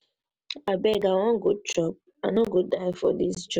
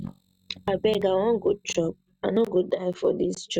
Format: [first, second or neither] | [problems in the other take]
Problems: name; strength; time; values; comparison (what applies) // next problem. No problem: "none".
first | noise reduction (neural mask model RNNoise)